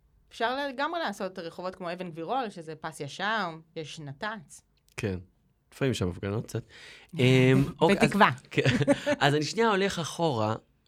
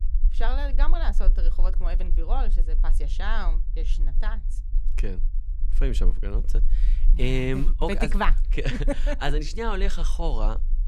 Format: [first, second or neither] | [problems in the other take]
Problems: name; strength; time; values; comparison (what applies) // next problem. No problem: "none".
first | low rumble; faint; throughout; 20 dB below the speech